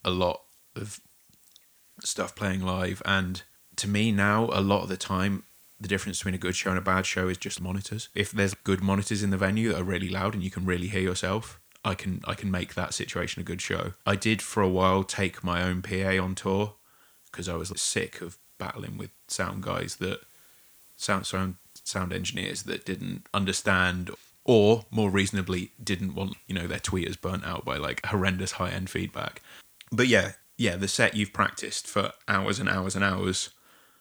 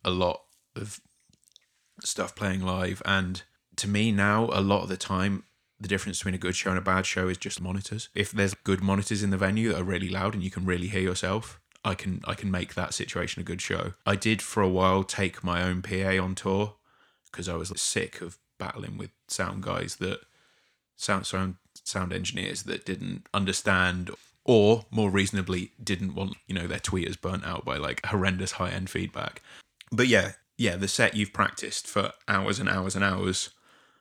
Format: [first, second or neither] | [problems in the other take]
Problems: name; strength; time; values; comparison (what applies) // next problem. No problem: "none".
second | hiss; faint; throughout; 30 dB below the speech